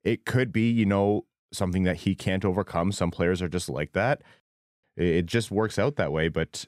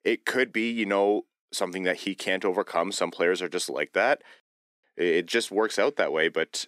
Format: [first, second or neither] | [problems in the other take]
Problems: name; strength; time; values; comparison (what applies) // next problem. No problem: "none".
first | thin; somewhat; fading below 300 Hz